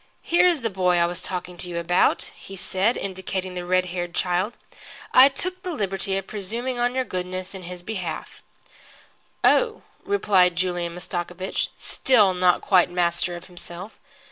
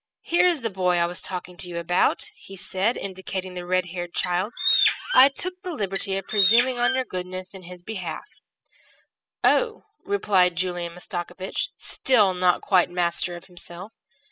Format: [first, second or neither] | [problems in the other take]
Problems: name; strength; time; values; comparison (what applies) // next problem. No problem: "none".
first | noise reduction (classical method spectral subtraction)